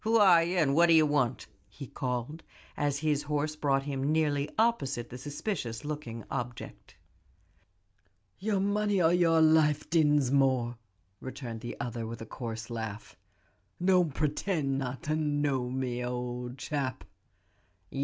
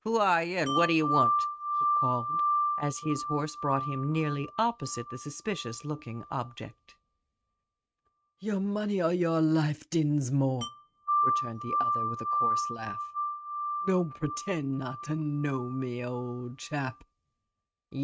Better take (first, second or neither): first